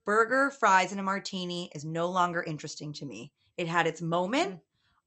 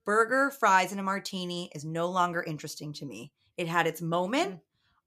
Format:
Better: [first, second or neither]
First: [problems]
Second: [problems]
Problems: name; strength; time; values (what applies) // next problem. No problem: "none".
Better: second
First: garbled, watery; slightly; nothing above 8 kHz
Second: none